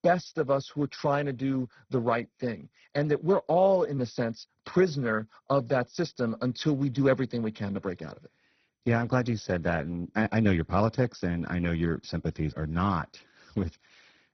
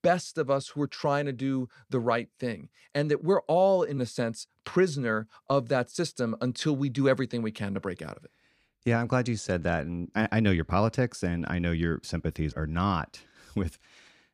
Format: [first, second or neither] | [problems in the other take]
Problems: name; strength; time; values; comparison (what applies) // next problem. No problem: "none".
second | garbled, watery; badly; nothing above 6 kHz